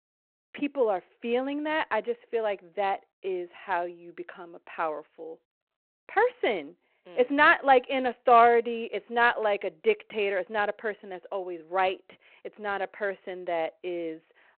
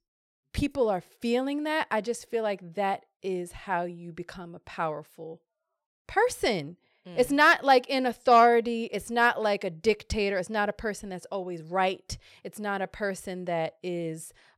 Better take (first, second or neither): second